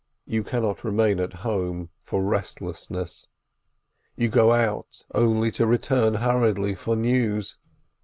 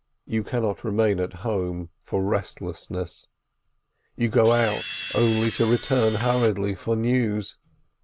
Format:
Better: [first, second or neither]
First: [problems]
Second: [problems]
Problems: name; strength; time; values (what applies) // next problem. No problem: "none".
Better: first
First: none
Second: background sound (Camera); 11 dB below the speech